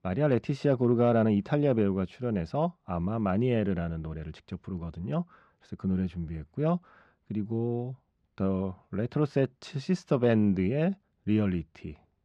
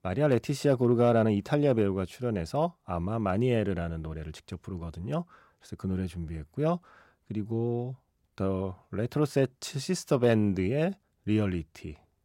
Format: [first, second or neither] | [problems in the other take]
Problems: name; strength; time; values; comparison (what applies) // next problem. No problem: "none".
second | muffled; very slightly; fading above 3.5 kHz